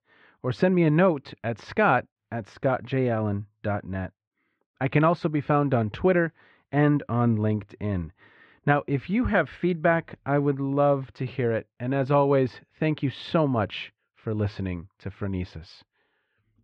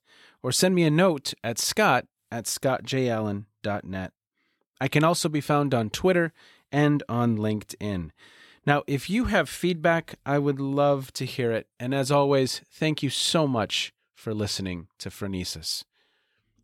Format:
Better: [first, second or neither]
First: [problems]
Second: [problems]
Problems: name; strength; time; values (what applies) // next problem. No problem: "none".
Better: second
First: muffled; very; fading above 2.5 kHz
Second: none